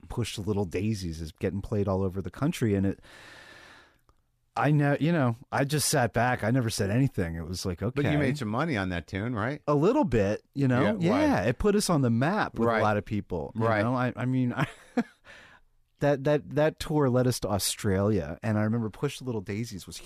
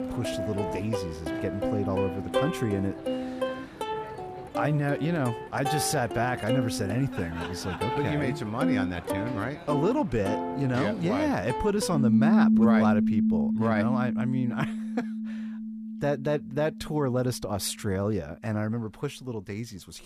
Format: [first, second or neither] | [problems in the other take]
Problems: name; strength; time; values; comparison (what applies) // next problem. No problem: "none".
first | background music; loud; throughout; as loud as the speech